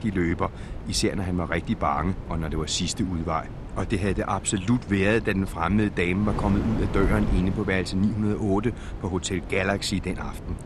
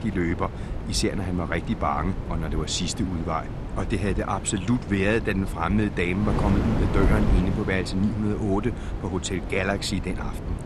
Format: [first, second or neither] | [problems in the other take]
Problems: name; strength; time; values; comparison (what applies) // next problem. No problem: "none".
first | wind noise on the microphone; heavy; 8 dB below the speech; occasional gusts in the first